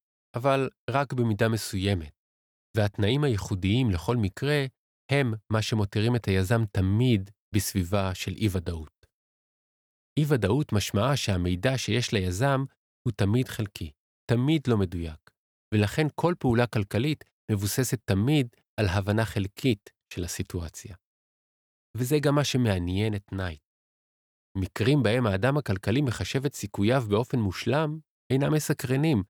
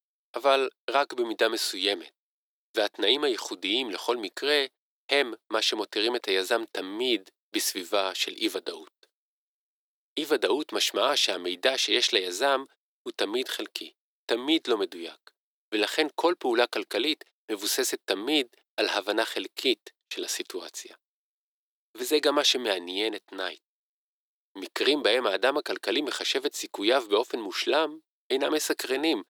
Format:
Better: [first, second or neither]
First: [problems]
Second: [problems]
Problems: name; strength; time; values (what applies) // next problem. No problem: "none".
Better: first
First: none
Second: thin; very; fading below 350 Hz